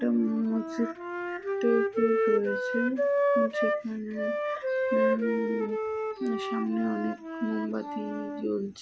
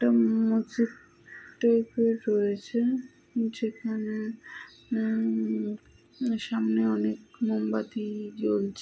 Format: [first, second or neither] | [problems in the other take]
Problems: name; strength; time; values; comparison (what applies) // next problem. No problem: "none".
second | background sound (Wind instrument, woodwind instrument); 1 dB above the speech